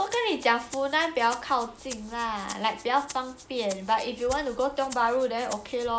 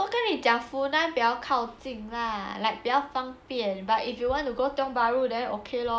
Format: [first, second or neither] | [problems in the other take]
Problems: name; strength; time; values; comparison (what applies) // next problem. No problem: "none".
second | background sound (Rattle (instrument)); 18 dB below the speech